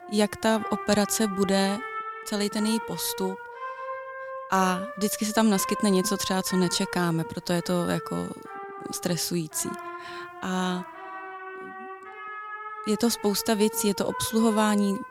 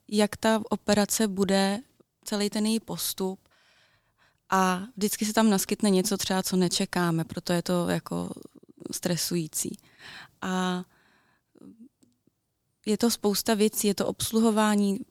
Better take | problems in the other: second | background music; noticeable; throughout; 10 dB below the speech

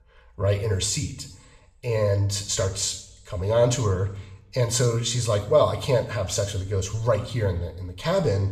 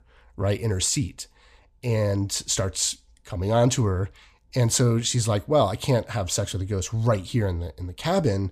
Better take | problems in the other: second | room echo; slight; dies away in 0.6 s

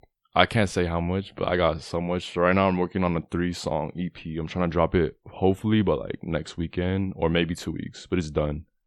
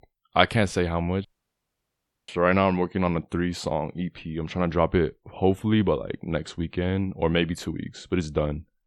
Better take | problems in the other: first | audio cutting out; at 1.5 s for 1 s

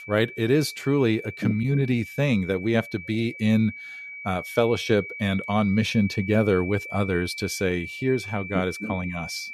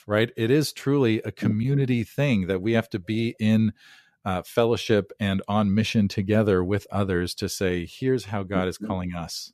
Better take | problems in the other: second | high-pitched whine; noticeable; throughout; 2.5 kHz, 10 dB below the speech

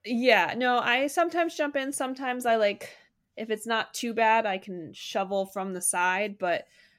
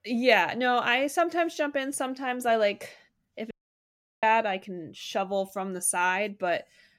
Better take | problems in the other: first | audio cutting out; at 3.5 s for 0.5 s

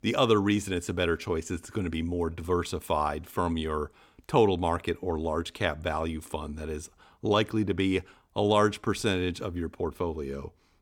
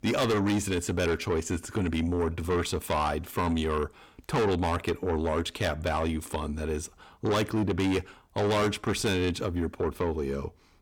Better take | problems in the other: first | distortion; heavy; 7 dB below the speech

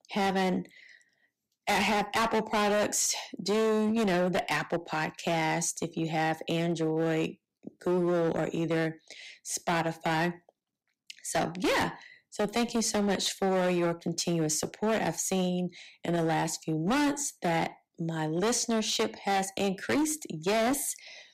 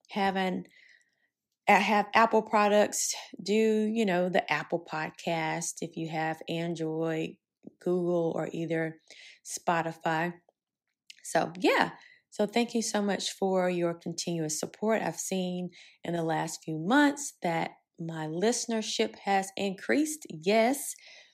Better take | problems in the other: second | distortion; heavy; 15% of the sound clipped

